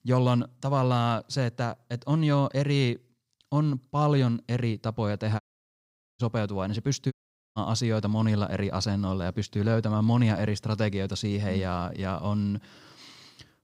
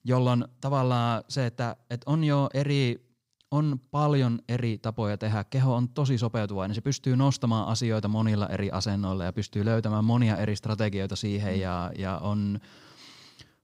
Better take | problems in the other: second | audio cutting out; at 5.5 s for 1 s and at 7 s

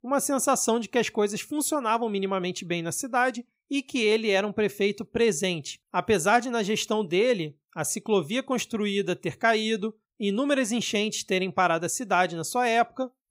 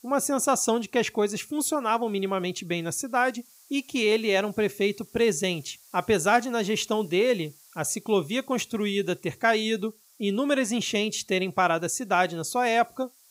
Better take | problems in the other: first | hiss; faint; throughout; 30 dB below the speech

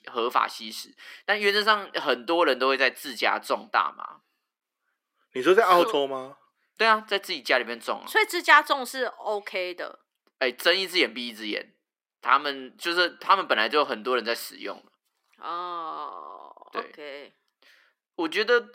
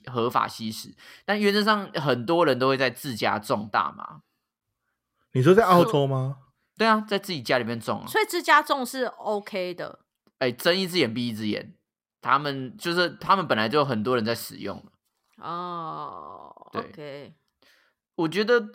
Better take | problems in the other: second | thin; somewhat; fading below 300 Hz

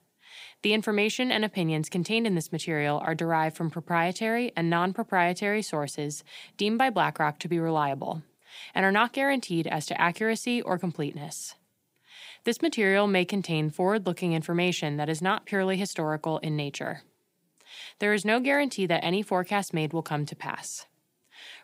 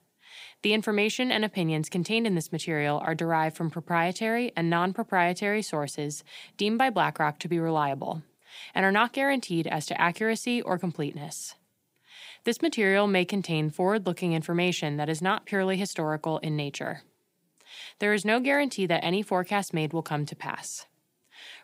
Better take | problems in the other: neither | none

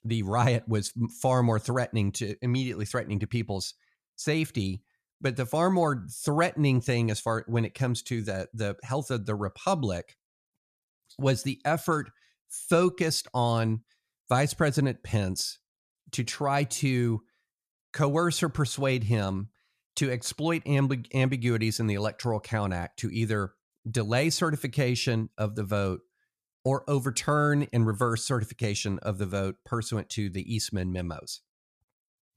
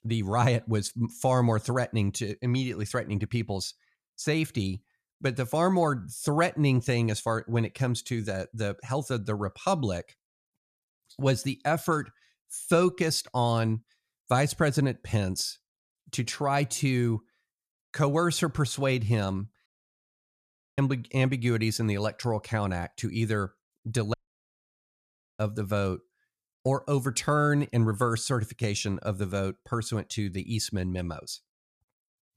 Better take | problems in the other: first | audio cutting out; at 20 s for 1 s and at 24 s for 1.5 s

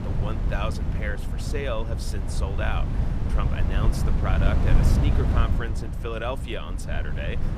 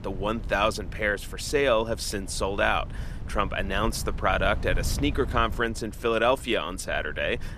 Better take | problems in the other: second | wind noise on the microphone; heavy; 4 dB below the speech; occasional gusts in the second

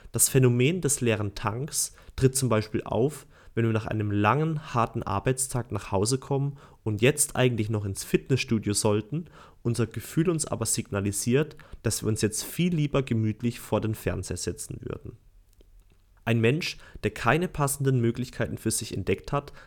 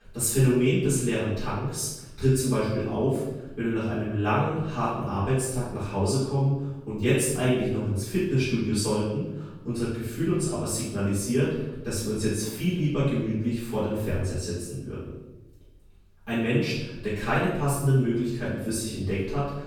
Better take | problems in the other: first | room echo; strong; dies away in 0.9 s // off-mic speech; far

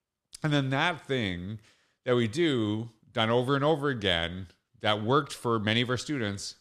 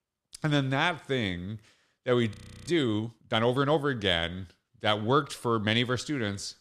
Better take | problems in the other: first | audio freezing; at 2.5 s

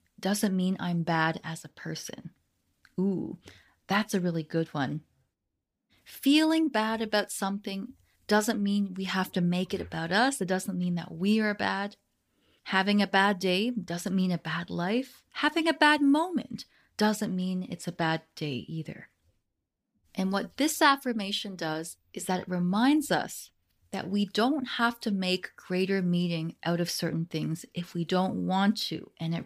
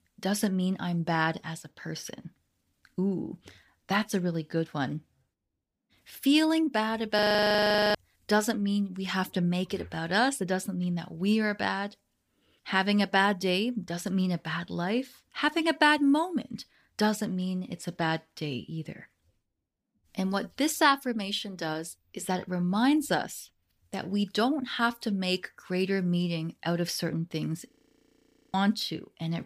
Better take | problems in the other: first | audio freezing; at 7 s for 1 s and at 28 s for 1 s

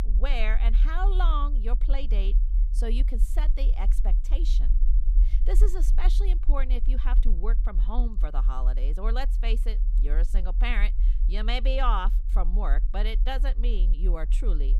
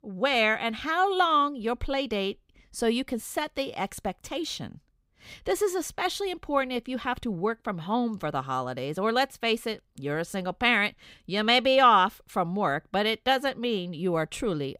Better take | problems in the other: second | low rumble; noticeable; throughout; 15 dB below the speech

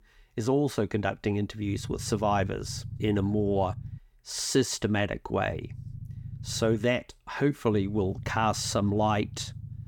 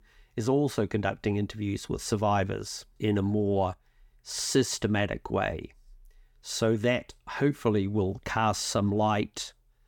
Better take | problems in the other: second | low rumble; faint; from 1.5 to 4 s, from 5.5 to 7 s and from 7.5 s on; 25 dB below the speech

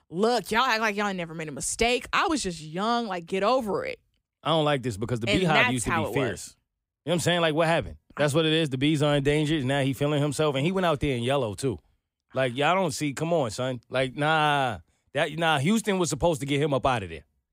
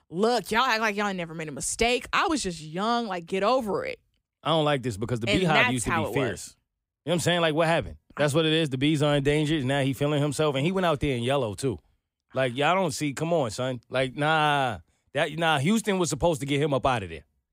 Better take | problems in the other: neither | none

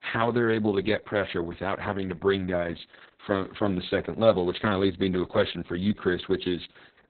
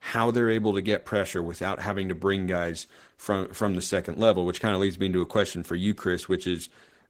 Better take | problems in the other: second | garbled, watery; badly; nothing above 4 kHz; slightly in the second

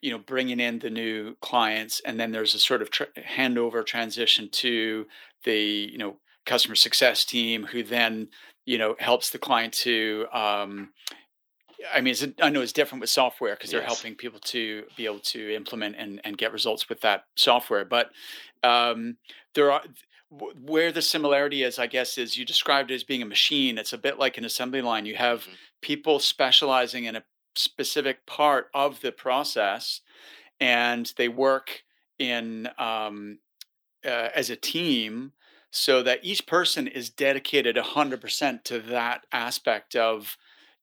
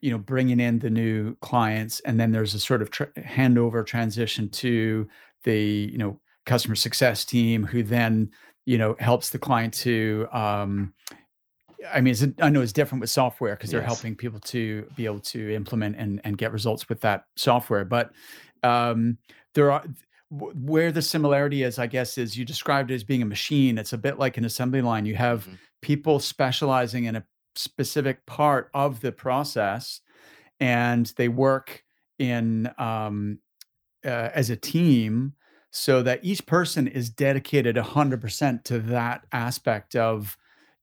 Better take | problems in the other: second | thin; somewhat; fading below 300 Hz

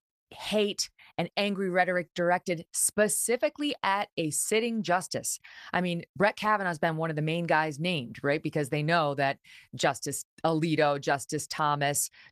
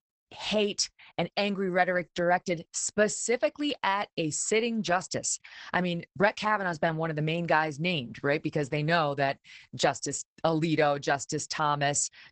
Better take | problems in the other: first | garbled, watery; badly; nothing above 8 kHz; slightly in the first

